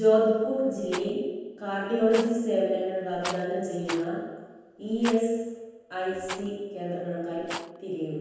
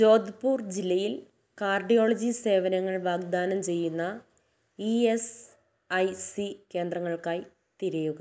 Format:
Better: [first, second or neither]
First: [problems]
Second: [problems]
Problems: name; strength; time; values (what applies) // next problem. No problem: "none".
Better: second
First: background sound (Rattle); 15 dB below the speech // room echo; dies away in 1.2 s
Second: none